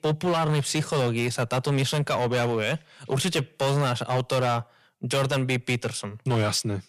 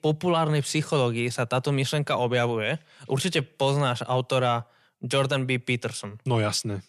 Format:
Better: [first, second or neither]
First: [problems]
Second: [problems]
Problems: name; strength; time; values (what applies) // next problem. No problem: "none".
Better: second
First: distortion; slight; 14% of the sound clipped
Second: none